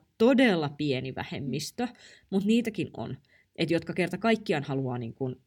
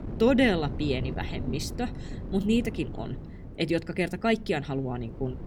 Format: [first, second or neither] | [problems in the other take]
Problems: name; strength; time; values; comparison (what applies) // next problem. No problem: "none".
first | wind noise on the microphone; occasional gusts; 15 dB below the speech